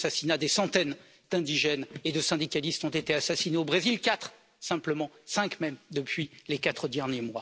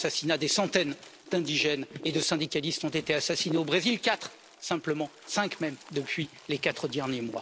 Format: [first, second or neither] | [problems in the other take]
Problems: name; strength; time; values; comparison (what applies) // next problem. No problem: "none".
first | background sound (Wind); 17 dB below the speech